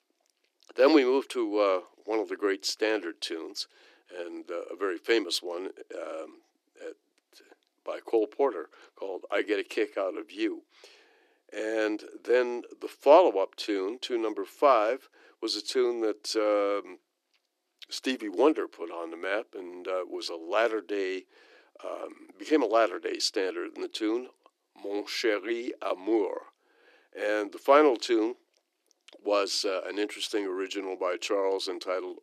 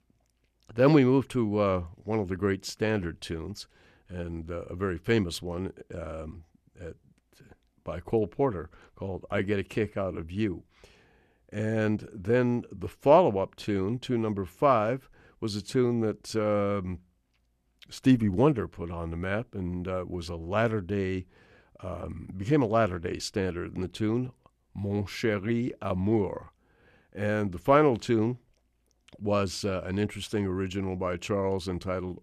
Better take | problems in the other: second | thin; somewhat; fading below 300 Hz

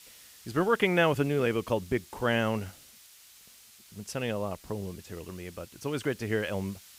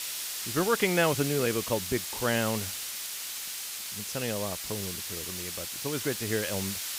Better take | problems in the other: first | hiss; loud; throughout; 3 dB below the speech; faint in the first

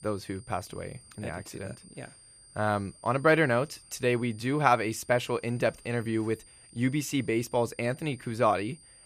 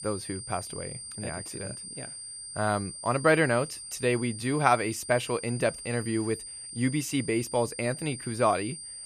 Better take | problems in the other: first | high-pitched whine; loud; throughout; 9 kHz, 10 dB below the speech; faint in the first

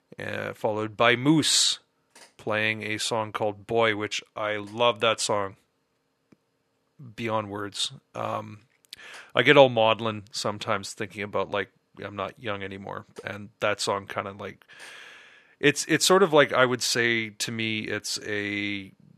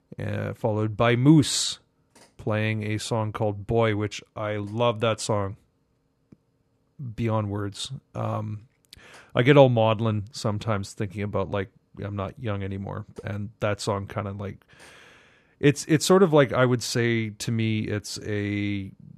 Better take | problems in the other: second | thin; somewhat; fading below 1 kHz

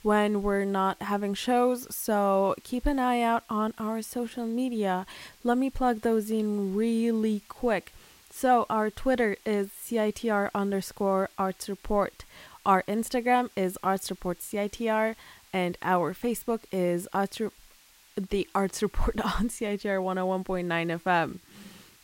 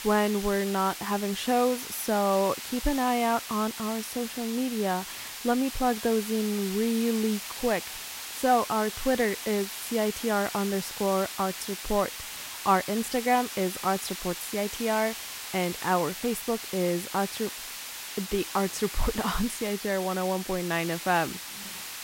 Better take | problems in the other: first | hiss; loud; throughout; 8 dB below the speech; faint in the first

